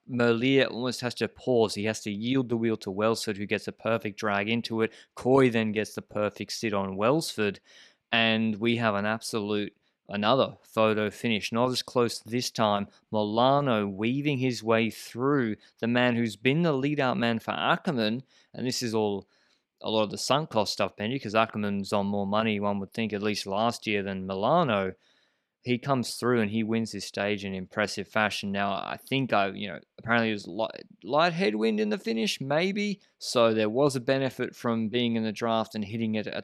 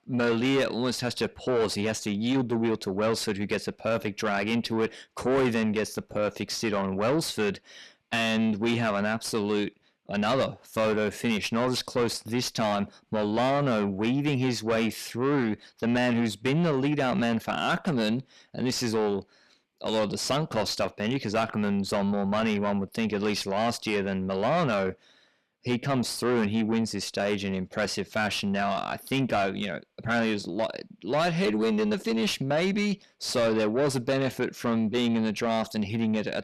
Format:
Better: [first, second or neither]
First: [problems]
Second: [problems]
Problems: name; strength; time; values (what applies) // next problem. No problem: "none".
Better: first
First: none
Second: distortion; heavy; 7 dB below the speech